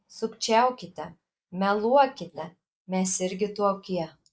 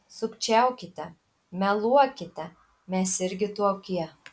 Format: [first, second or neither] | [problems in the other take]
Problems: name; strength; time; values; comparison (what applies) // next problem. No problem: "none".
second | noise reduction (neural mask model Resemble Enhance denoiser)